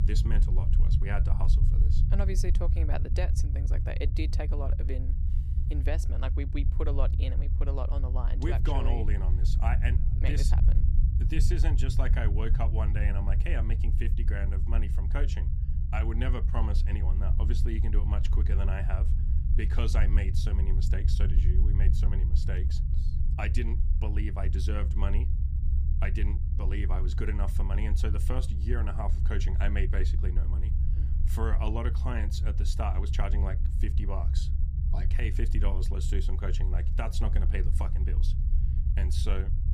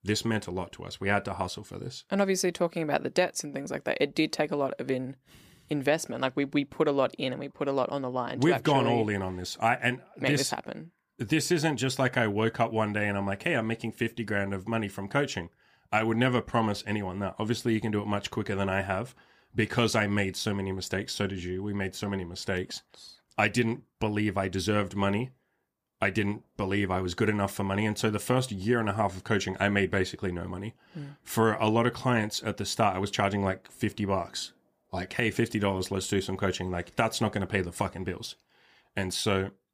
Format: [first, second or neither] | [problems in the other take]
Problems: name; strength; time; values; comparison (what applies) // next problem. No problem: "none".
second | low rumble; loud; throughout; 6 dB below the speech